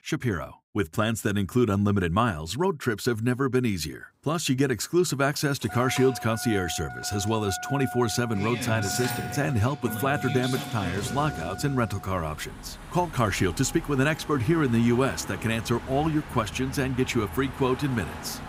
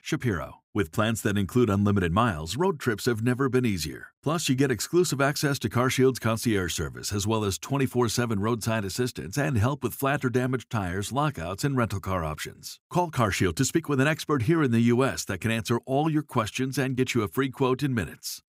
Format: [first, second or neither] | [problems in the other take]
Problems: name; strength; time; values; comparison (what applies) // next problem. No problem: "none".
second | traffic noise; loud; from 4 s on; 10 dB below the speech